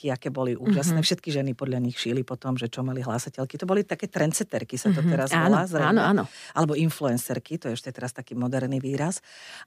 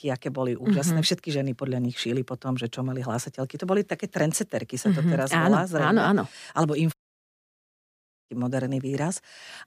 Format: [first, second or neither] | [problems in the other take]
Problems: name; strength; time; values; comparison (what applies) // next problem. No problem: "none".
first | audio cutting out; at 7 s for 1.5 s